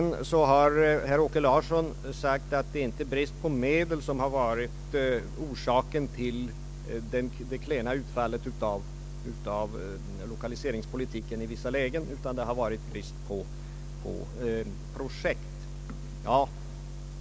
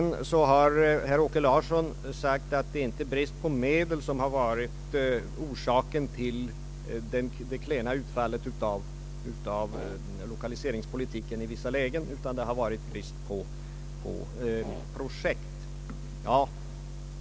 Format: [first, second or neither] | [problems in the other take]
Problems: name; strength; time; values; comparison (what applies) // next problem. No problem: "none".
first | background sound (Fart); 14 dB below the speech